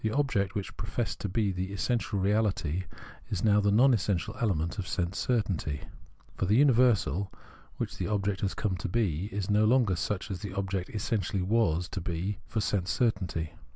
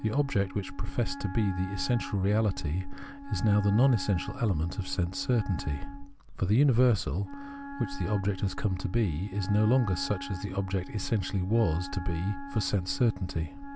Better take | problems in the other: first | background sound (Wind instrument, woodwind instrument); 14 dB below the speech

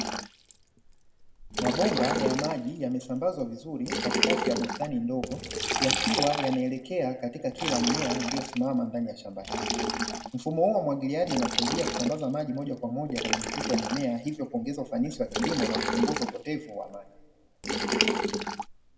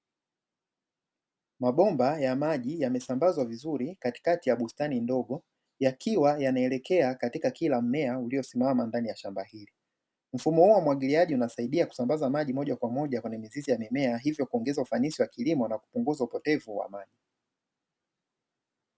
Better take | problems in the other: second | background sound (Liquid); 1 dB below the speech // room echo; dies away in 0.7 s

